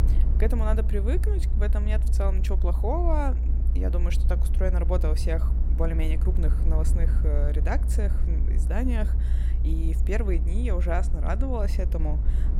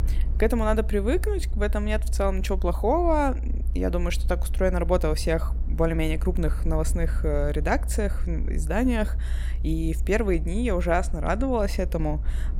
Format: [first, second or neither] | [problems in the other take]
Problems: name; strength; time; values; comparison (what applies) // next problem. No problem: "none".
second | low rumble; loud; throughout; 10 dB below the speech; faint in the second